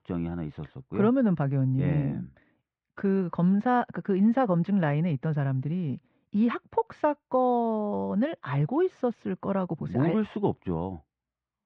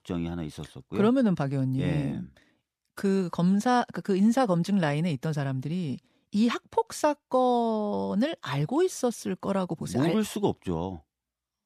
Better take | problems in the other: second | muffled; very; fading above 2.5 kHz

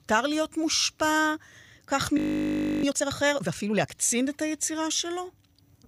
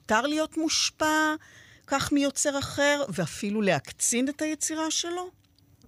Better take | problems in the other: second | audio freezing; at 2 s for 0.5 s

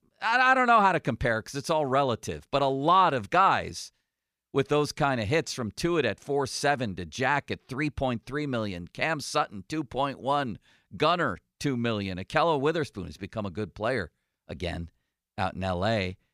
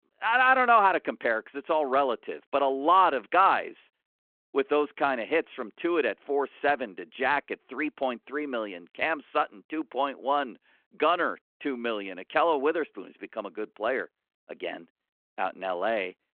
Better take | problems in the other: first | phone-call audio

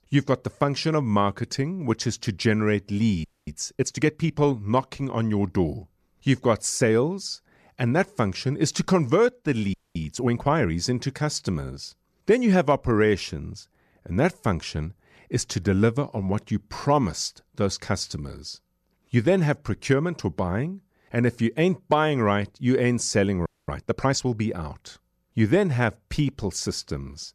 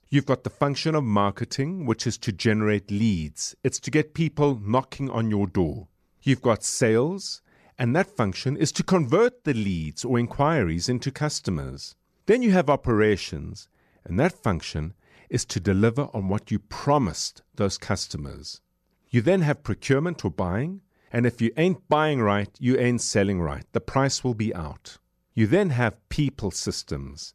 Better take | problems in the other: second | audio freezing; at 3 s, at 9.5 s and at 23 s

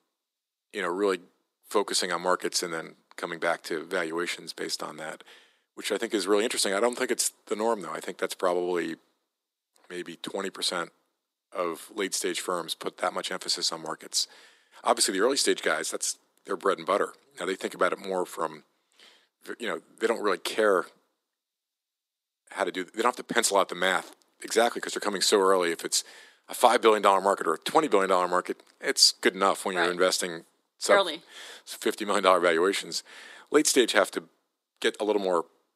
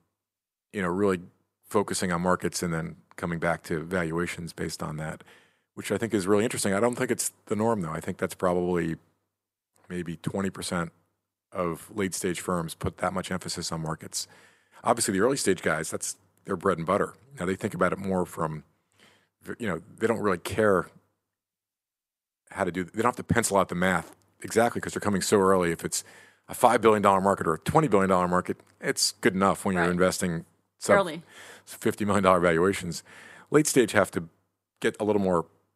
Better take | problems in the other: second | thin; somewhat; fading below 250 Hz

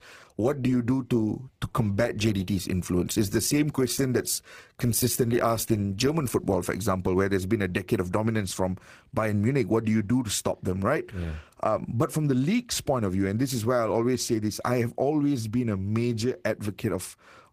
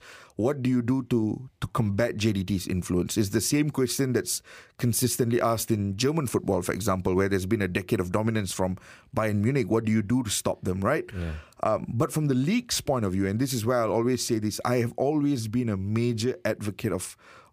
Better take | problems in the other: second | garbled, watery; slightly; nothing above 15 kHz

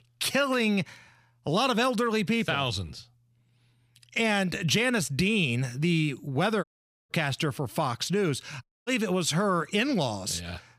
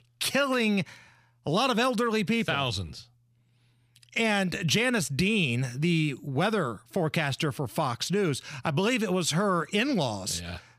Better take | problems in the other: second | audio cutting out; at 6.5 s and at 8.5 s

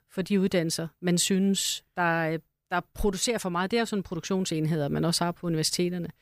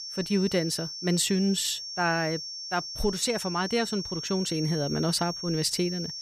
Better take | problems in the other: first | high-pitched whine; loud; throughout; 5.5 kHz, 6 dB below the speech

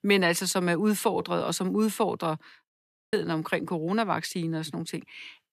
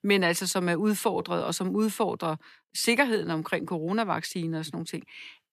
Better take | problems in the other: second | audio cutting out; at 2.5 s

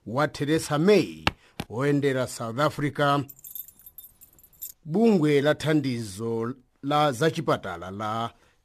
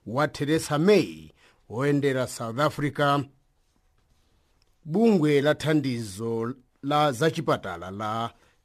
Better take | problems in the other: second | footsteps; very faint; at 1.5 s; peak 4 dB below the speech // jangling keys; faint; from 3.5 to 4.5 s; peak 15 dB below the speech

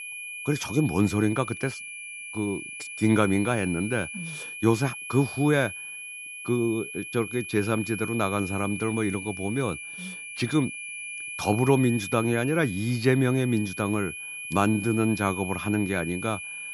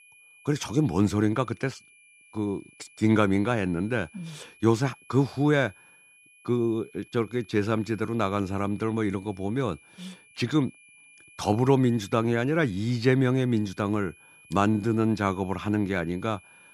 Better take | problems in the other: second | high-pitched whine; loud; throughout; 2.5 kHz, 9 dB below the speech; faint in the second

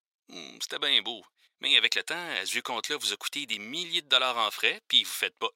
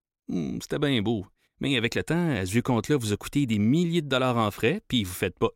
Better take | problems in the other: second | thin; very; fading below 800 Hz

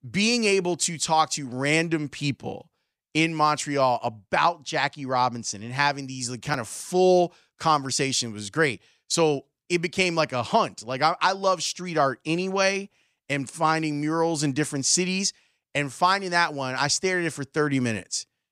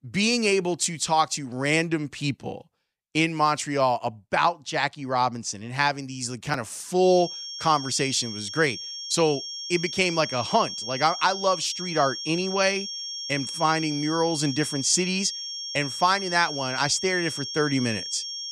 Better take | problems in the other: first | high-pitched whine; loud; from 7 s on; 5.5 kHz, 7 dB below the speech

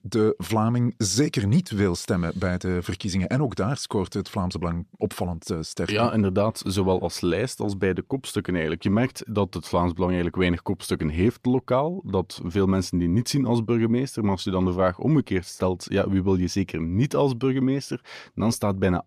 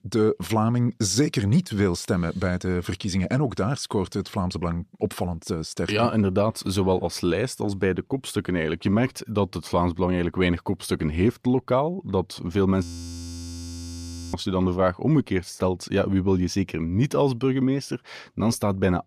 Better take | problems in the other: first | audio freezing; at 13 s for 1.5 s

